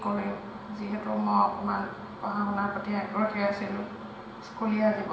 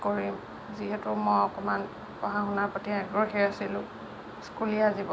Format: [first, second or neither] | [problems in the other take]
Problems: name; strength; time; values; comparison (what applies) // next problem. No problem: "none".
second | room echo; dies away in 1 s